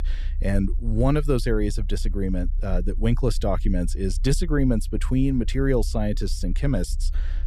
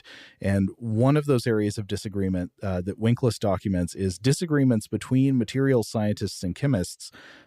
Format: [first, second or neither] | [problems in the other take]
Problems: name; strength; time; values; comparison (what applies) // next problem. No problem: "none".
second | low rumble; faint; throughout; 25 dB below the speech